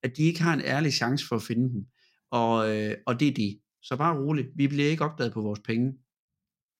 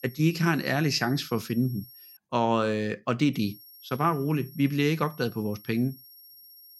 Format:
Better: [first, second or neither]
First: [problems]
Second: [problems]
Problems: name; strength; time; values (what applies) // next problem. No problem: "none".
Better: first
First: none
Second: high-pitched whine; faint; until 2 s and from 3.5 s on; 11.5 kHz, 20 dB below the speech